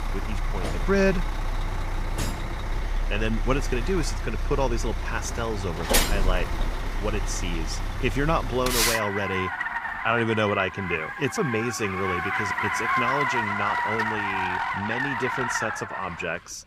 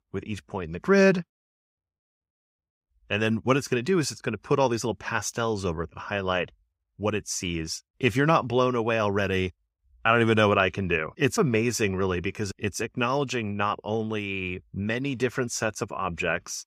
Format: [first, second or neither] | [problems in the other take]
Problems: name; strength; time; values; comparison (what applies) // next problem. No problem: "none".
second | traffic noise; very loud; throughout; as loud as the speech